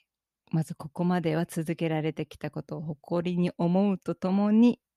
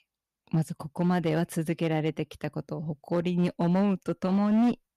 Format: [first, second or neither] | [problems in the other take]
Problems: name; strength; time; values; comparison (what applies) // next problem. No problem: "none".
first | distortion; slight; 7% of the sound clipped